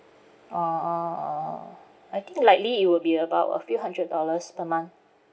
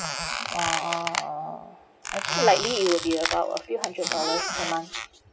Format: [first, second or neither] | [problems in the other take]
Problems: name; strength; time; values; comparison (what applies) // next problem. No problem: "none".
first | background sound (Squeak); 3 dB below the speech